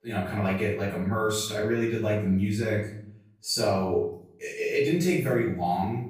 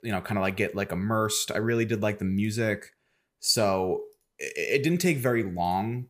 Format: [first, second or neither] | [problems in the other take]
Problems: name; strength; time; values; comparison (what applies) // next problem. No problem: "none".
second | off-mic speech; far // room echo; noticeable; dies away in 0.6 s